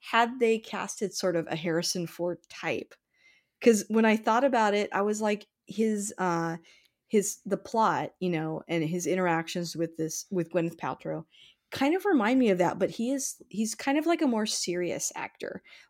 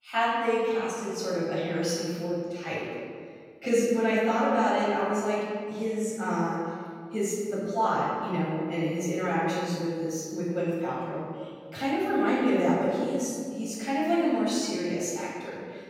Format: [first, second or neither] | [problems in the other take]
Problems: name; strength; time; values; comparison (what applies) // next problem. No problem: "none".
first | room echo; strong; dies away in 1.8 s // off-mic speech; far